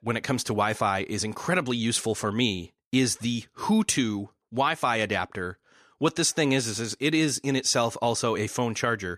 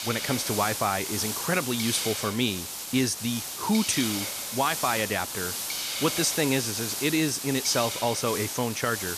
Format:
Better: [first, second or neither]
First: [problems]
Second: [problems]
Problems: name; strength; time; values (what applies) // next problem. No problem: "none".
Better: first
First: none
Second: hiss; loud; throughout; 3 dB below the speech